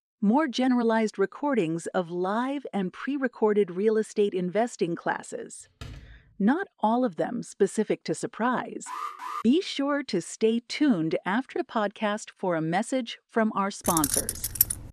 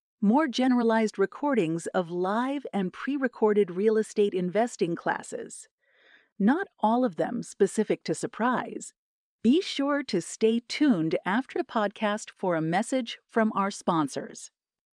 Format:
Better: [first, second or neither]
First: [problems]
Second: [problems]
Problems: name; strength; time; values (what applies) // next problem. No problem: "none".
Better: second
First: door banging; faint; at 6 s; peak 15 dB below the speech // alarm; noticeable; at 9 s; peak 7 dB below the speech // jangling keys; loud; at 14 s; peak 3 dB above the speech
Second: none